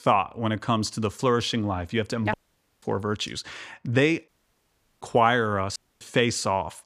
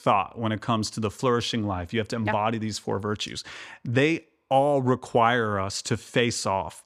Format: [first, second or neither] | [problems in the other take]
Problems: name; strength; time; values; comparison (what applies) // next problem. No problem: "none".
second | audio cutting out; at 2.5 s, at 4.5 s for 0.5 s and at 6 s